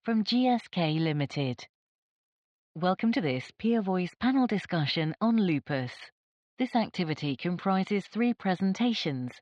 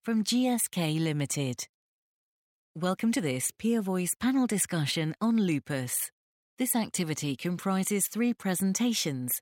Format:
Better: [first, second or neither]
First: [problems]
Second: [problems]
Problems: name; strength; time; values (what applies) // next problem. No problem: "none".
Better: second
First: muffled; slightly; fading above 4.5 kHz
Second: none